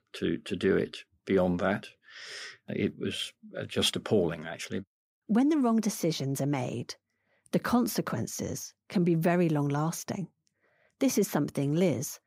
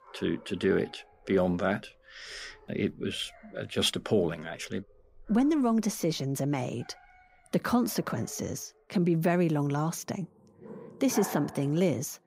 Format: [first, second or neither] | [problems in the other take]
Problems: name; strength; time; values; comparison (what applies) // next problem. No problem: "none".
first | animal sounds; noticeable; throughout; 20 dB below the speech